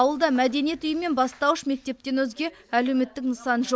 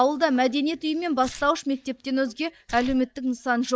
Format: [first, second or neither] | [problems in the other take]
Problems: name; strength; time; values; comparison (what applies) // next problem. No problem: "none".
first | noise reduction (neural mask model DeepFilterNet 3)